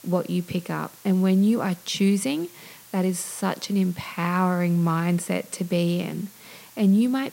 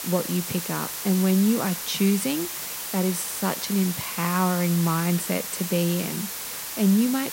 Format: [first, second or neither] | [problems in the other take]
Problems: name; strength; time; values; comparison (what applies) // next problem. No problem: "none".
first | hiss; loud; throughout; 5 dB below the speech; faint in the first